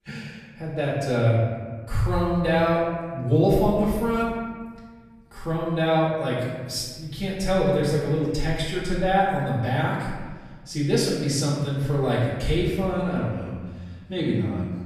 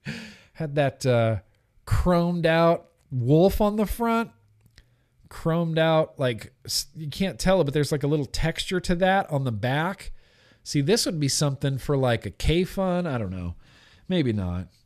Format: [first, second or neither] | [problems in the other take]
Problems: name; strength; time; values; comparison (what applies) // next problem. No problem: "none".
second | off-mic speech; far // room echo; noticeable; dies away in 1.4 s